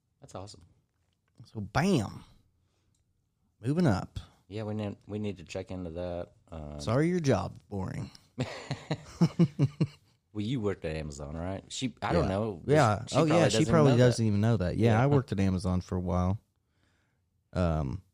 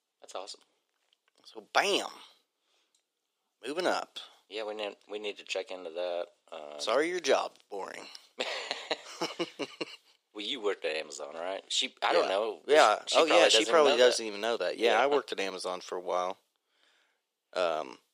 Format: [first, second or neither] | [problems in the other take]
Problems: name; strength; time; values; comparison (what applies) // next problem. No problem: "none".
first | thin; very; fading below 400 Hz